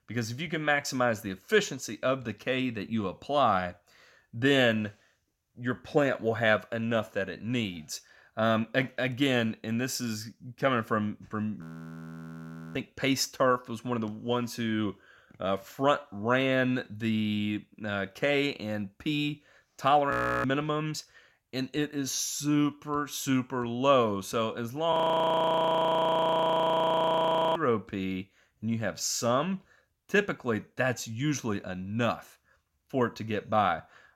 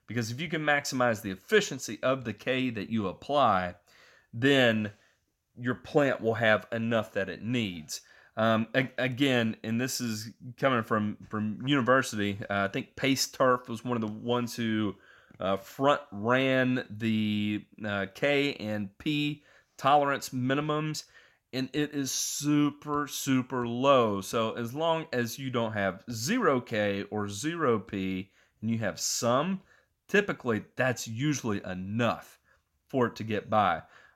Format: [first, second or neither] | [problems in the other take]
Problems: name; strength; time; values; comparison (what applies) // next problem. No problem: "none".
second | audio freezing; at 12 s for 1 s, at 20 s and at 25 s for 2.5 s